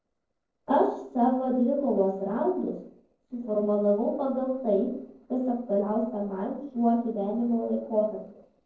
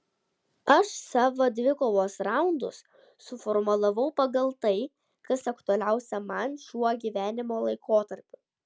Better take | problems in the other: second | noise reduction (neural separator model SepFormer DNS4)

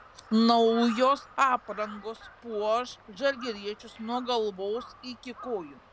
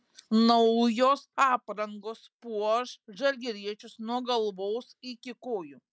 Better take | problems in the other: second | background sound (Crow); 18 dB below the speech

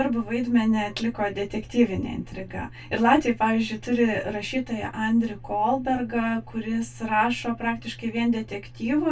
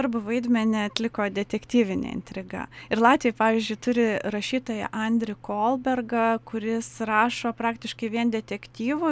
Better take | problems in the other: second | room echo; dies away in 0.1 s

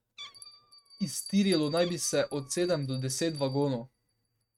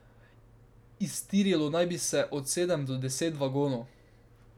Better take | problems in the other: second | noise reduction (neural mask model RNNoise)

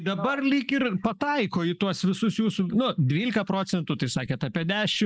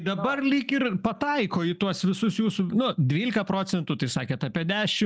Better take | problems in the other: second | noise reduction (neural mask model Resemble Enhance denoiser)

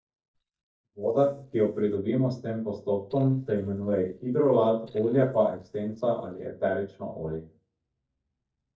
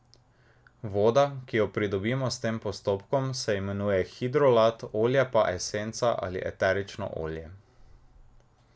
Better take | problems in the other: second | noise reduction (neural mask model DeepFilterNet 3)

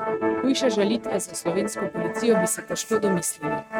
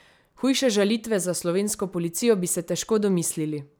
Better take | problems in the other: second | noise reduction (neural mask model RNNoise)

